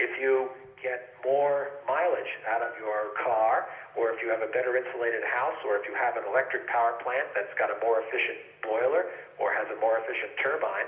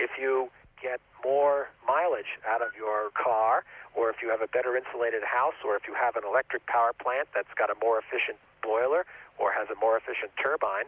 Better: second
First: room echo; dies away in 0.8 s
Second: none

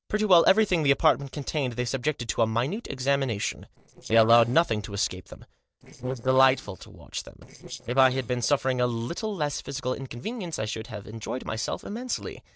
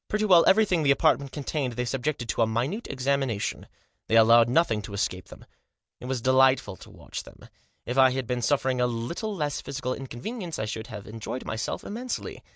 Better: second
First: noise reduction (neural separator model SepFormer DNS4)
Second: none

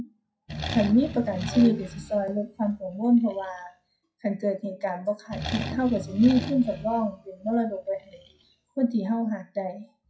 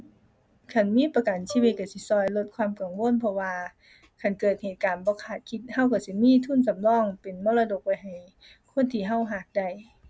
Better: second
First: noise reduction (classical method WPE with log-MMSE)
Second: none

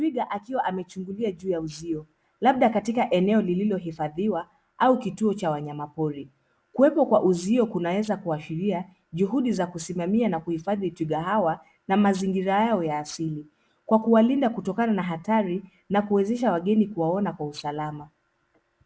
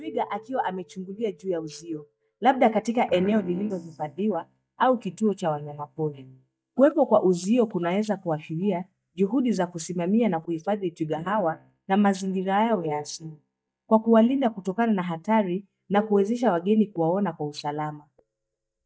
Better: first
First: none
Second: noise reduction (neural mask model DeepFilterNet 3)

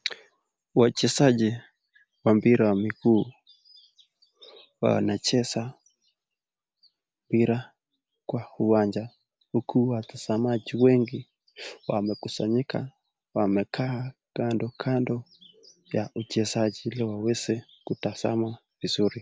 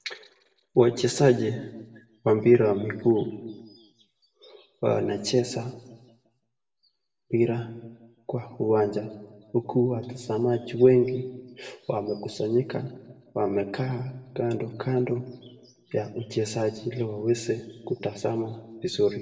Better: first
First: none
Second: room echo; dies away in 0.8 s

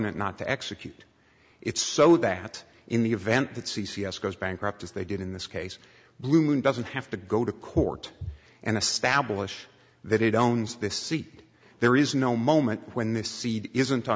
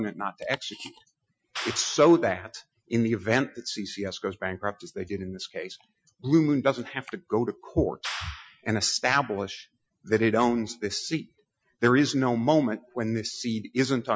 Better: first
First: none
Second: noise reduction (classical method Wiener filter)

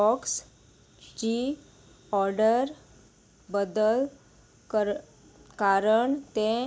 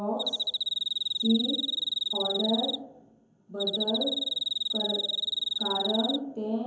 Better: first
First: none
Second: background sound (Cricket); 2 dB above the speech // room echo; dies away in 0.9 s

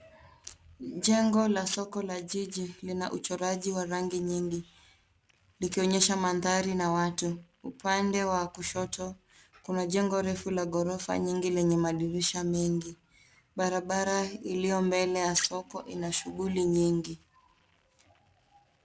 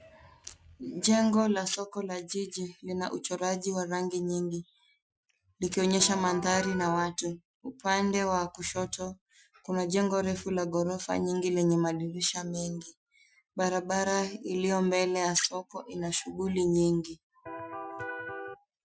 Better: first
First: none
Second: noise reduction (classical method Wiener filter)

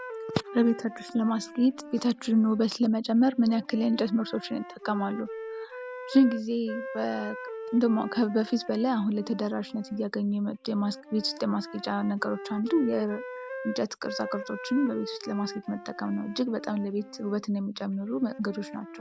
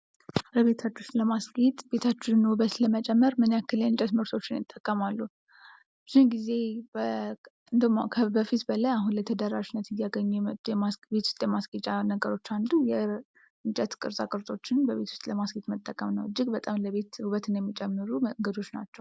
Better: second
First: background sound (Wind instrument, woodwind instrument); 13 dB below the speech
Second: none

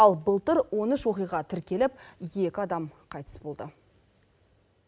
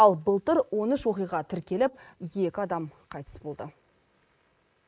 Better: first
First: none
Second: noise reduction (neural mask model Resemble Enhance denoiser)

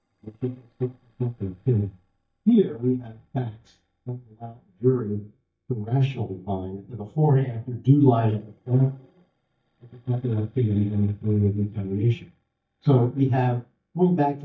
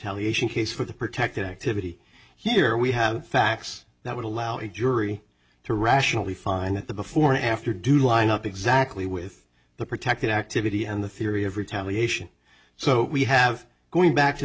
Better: second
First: noise reduction (neural mask model DeepFilterNet 3)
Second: none

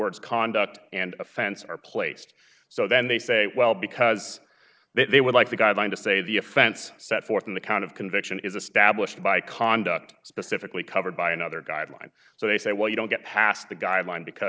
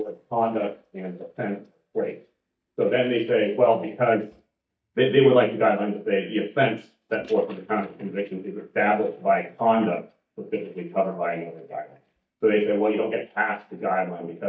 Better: first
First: none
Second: noise reduction (neural mask model DeepFilterNet 3)

